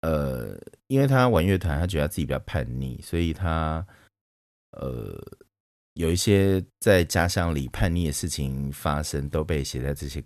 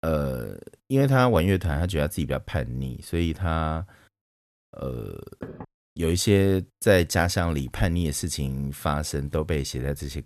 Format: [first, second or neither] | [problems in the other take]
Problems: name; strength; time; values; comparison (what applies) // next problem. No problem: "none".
first | door banging; faint; at 5.5 s; peak 15 dB below the speech